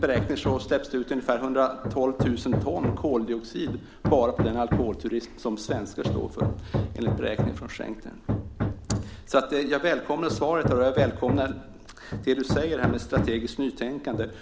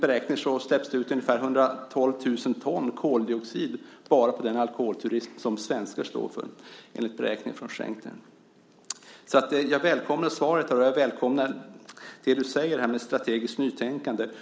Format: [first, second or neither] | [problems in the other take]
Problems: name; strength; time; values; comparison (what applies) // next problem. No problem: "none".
second | background sound (Hammer); 3 dB below the speech